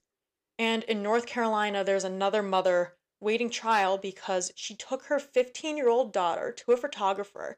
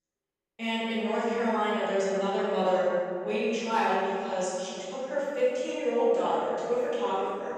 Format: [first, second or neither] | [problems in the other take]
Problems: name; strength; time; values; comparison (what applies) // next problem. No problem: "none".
first | room echo; strong; dies away in 3 s // off-mic speech; far